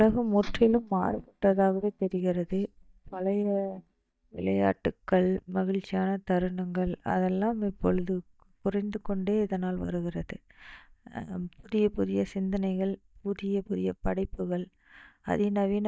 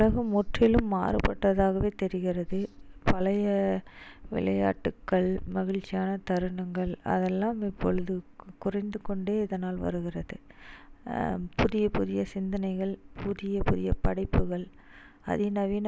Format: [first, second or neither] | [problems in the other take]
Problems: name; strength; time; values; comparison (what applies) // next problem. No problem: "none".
second | noise reduction (neural mask model DeepFilterNet 3)